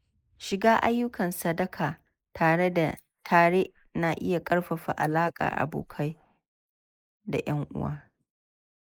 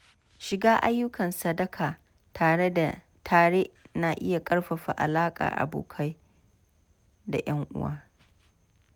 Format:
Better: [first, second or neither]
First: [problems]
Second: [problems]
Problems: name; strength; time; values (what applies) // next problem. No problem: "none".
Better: second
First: noise reduction (neural mask model Resemble Enhance denoiser)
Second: none